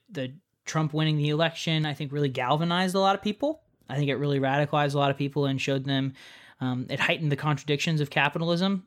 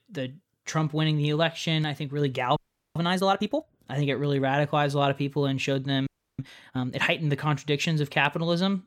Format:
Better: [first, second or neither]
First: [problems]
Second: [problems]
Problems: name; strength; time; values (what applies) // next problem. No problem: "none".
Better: first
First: none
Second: audio freezing; at 2.5 s and at 6 s